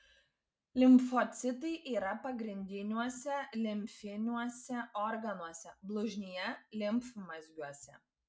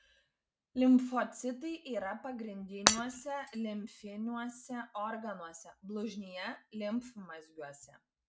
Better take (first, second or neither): first